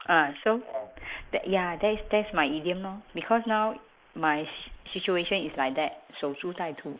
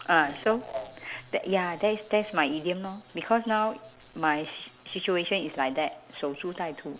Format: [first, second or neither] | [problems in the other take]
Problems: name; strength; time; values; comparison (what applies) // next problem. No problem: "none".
second | noise reduction (neural mask model Resemble Enhance denoiser)